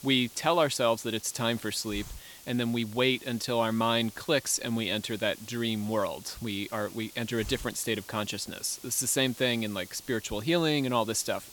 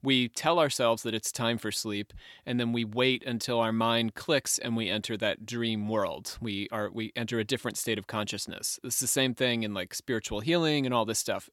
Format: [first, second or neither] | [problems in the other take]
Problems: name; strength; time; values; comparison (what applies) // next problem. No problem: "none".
second | hiss; noticeable; throughout; 15 dB below the speech